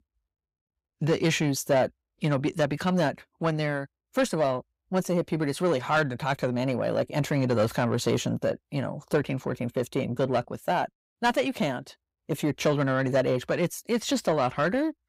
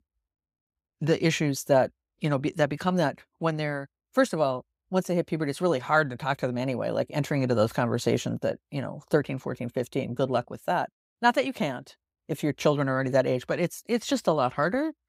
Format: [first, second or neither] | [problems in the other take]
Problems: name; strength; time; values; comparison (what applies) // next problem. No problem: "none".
second | distortion; slight; 10 dB below the speech